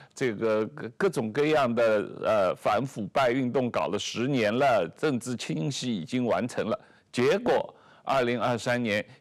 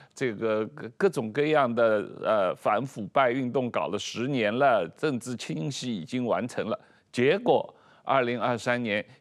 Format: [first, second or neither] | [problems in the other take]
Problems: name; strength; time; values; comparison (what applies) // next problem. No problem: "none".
second | distortion; slight; 6% of the sound clipped